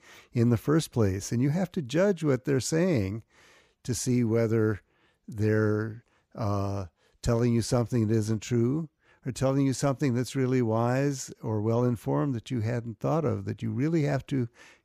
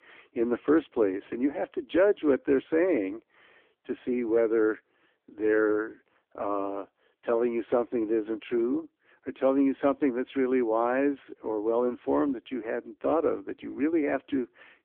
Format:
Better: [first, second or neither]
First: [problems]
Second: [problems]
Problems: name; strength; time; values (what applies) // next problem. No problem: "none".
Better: first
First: none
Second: phone-call audio; poor line; nothing above 3.5 kHz